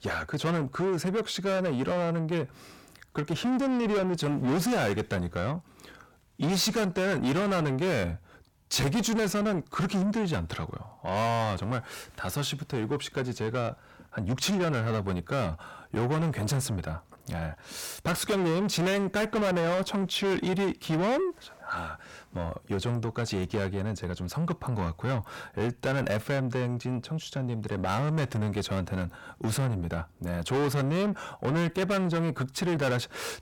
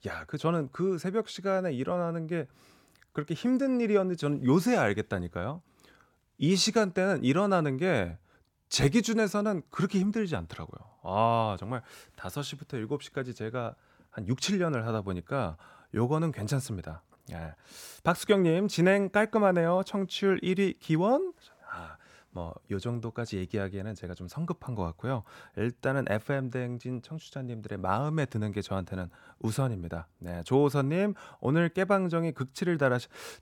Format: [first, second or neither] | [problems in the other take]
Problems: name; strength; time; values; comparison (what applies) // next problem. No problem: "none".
second | distortion; heavy; 6 dB below the speech